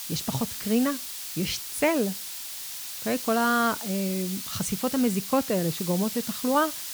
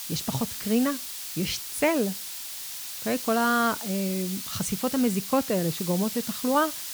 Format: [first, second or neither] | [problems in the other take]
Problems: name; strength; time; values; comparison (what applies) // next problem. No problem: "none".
neither | hiss; loud; throughout; 5 dB below the speech; the same in both